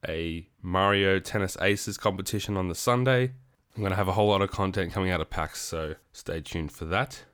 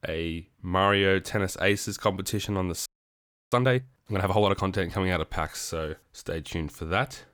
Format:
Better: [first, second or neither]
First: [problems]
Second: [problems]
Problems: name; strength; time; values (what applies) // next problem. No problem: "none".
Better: first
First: none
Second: audio freezing; at 3 s for 0.5 s